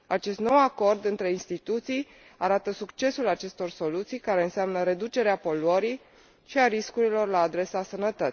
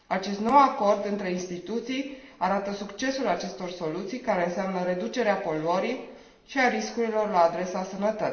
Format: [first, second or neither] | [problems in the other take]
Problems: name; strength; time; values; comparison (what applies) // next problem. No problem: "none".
first | room echo; dies away in 0.9 s